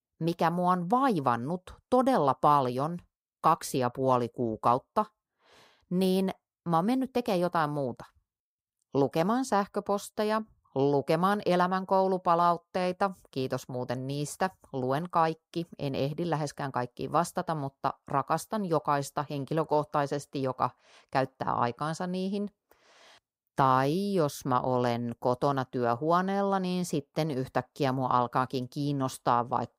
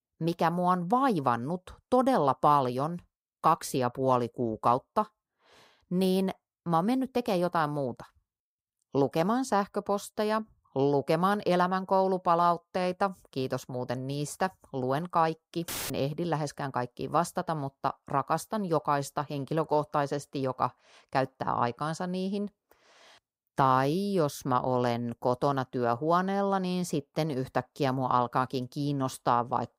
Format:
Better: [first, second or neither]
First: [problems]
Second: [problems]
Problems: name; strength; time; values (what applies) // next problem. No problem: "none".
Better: first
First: none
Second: audio cutting out; filled with static; at 16 s